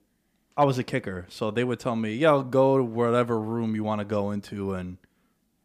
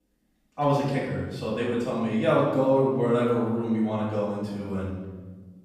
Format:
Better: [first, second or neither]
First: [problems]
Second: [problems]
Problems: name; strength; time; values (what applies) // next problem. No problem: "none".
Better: first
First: none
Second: off-mic speech; far // room echo; noticeable; dies away in 1.2 s